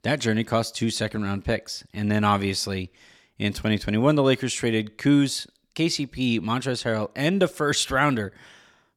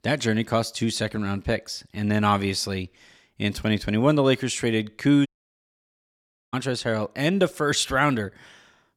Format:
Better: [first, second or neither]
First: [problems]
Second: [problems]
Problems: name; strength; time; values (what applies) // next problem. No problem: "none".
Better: first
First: none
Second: audio cutting out; at 5.5 s for 1.5 s